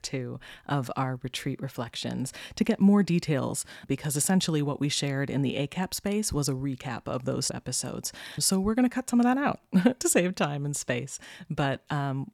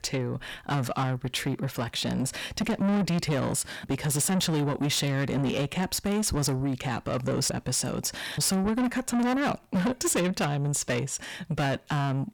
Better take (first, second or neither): first